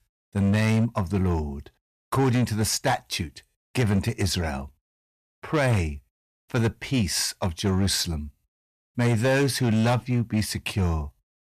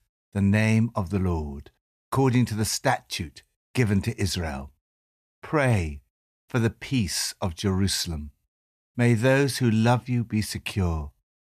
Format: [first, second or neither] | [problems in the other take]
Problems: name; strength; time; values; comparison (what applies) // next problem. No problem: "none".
second | distortion; slight; 9% of the sound clipped